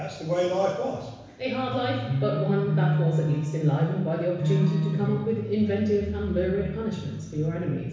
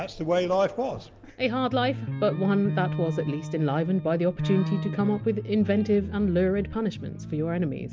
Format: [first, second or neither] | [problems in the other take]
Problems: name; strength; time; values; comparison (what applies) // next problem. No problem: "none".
second | room echo; dies away in 1.1 s